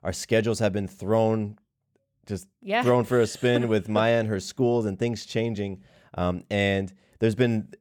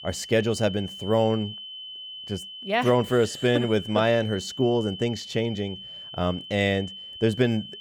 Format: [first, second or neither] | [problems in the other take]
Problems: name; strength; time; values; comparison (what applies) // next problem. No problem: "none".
first | high-pitched whine; noticeable; throughout; 3 kHz, 10 dB below the speech